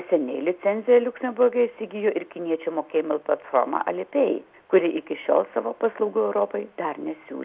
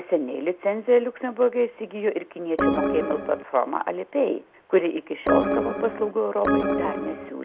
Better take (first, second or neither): first